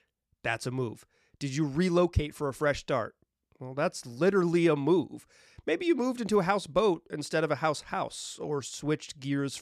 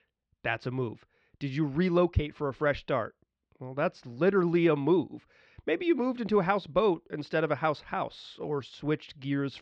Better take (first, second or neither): first